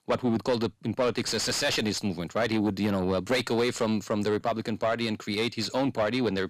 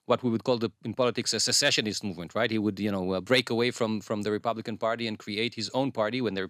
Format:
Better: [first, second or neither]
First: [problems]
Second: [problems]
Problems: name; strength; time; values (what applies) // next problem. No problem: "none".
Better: second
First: distortion; heavy; 7 dB below the speech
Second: none